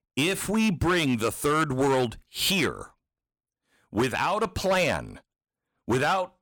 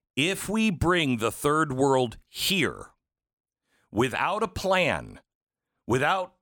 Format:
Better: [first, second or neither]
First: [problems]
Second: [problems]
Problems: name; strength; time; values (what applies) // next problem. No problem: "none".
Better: second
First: distortion; slight; 7% of the sound clipped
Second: none